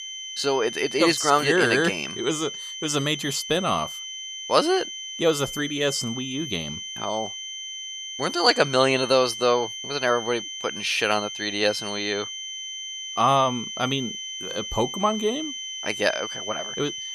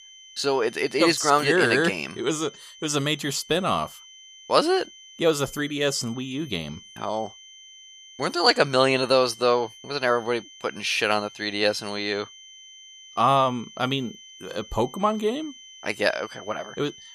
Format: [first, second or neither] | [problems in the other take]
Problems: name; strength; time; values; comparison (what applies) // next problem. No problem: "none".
second | high-pitched whine; loud; throughout; 3 kHz, 8 dB below the speech; faint in the second